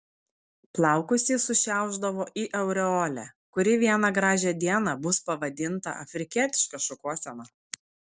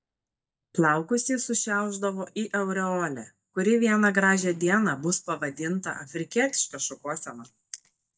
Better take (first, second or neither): first